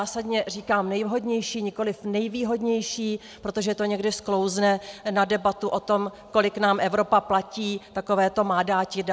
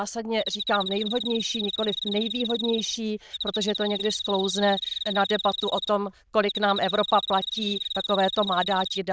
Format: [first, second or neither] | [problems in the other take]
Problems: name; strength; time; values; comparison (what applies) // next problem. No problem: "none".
first | noise reduction (neural diffusion model UNIVERSE++)